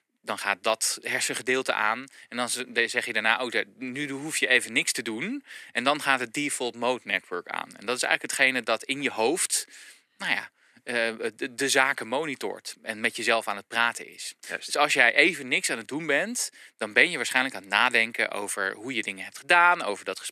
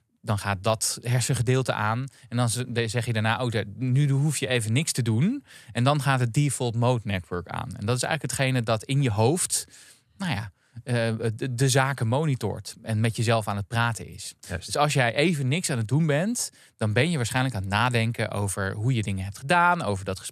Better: second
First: thin; very; fading below 300 Hz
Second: none

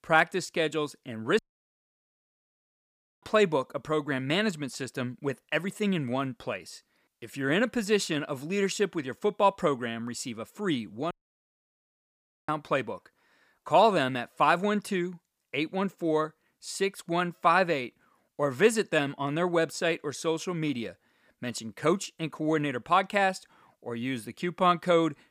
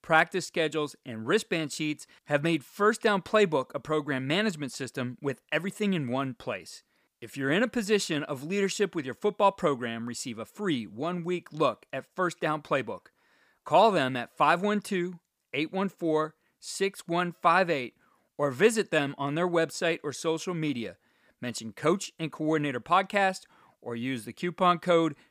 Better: second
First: audio cutting out; at 1.5 s for 2 s and at 11 s for 1.5 s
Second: none

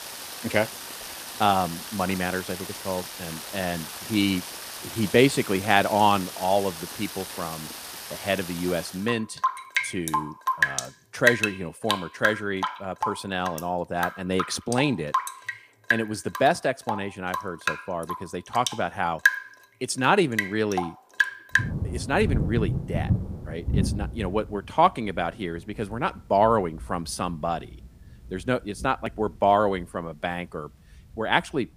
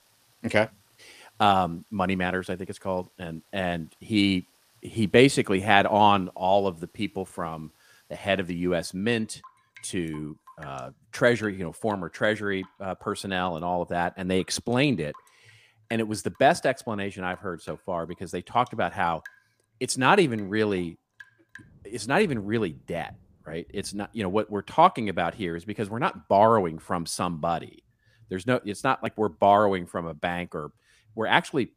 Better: second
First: rain or running water; loud; throughout; 4 dB below the speech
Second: rain or running water; faint; throughout; 30 dB below the speech

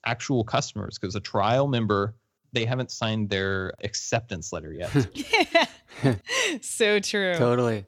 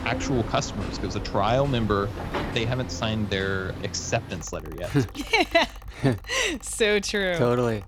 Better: first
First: none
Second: machinery noise; noticeable; throughout; 10 dB below the speech

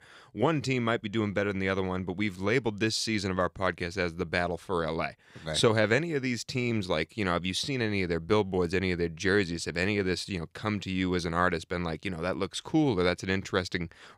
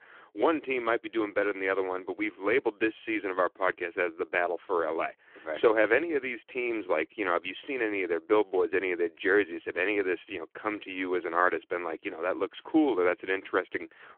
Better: first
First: none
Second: phone-call audio

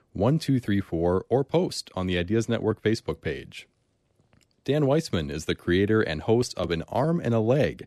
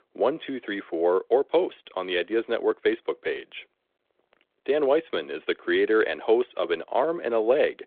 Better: first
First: none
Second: phone-call audio

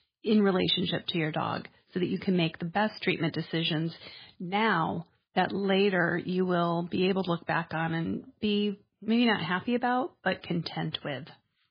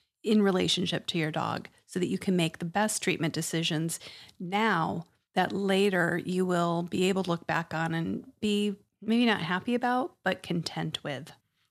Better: second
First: garbled, watery; badly; nothing above 4 kHz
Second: none

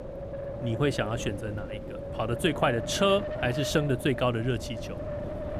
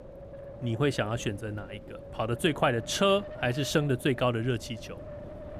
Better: second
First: wind noise on the microphone; heavy; 8 dB below the speech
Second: wind noise on the microphone; occasional gusts; 15 dB below the speech

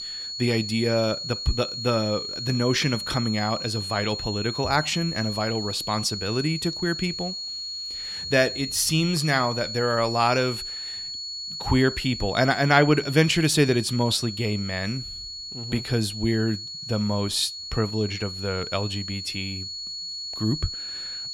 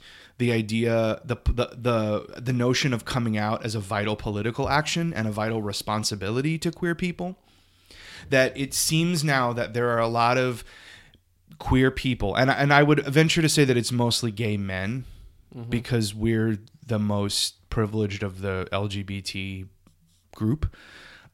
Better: second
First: high-pitched whine; loud; throughout; 4.5 kHz, 6 dB below the speech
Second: none

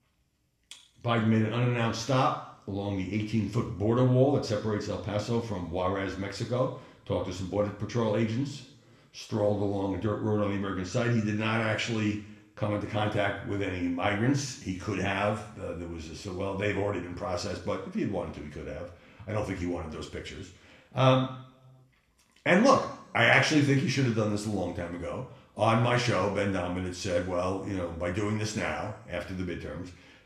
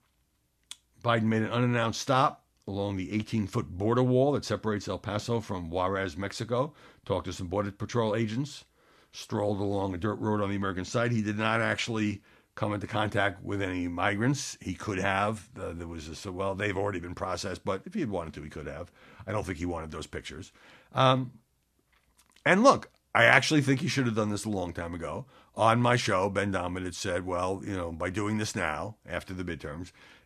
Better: second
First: room echo; slight; dies away in 0.7 s // off-mic speech; somewhat distant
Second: none

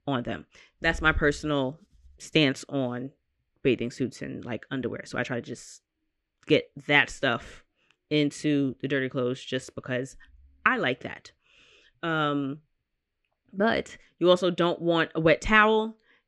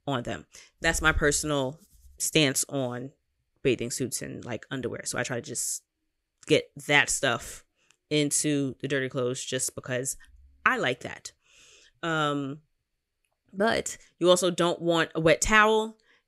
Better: second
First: muffled; slightly; fading above 3 kHz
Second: none

